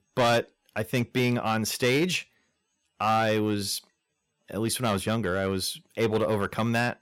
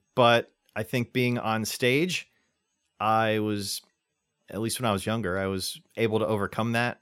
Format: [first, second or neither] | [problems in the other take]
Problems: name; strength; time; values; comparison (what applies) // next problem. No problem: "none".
second | distortion; slight; 5% of the sound clipped